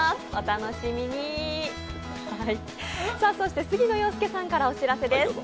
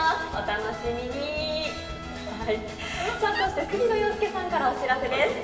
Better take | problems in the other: first | background sound (Wood); 8 dB below the speech // room echo; dies away in 1.4 s

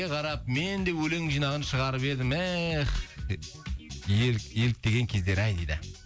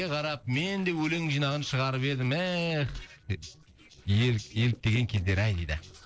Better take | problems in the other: first | noise reduction (neural separator model SepFormer DNS4)

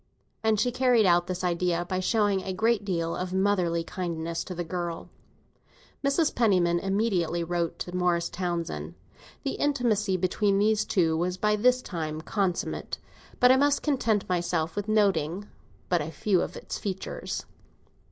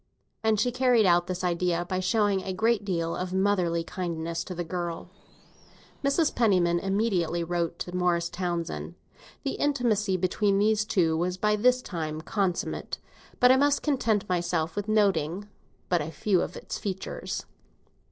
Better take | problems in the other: first | noise reduction (neural separator model SepFormer DNS4)

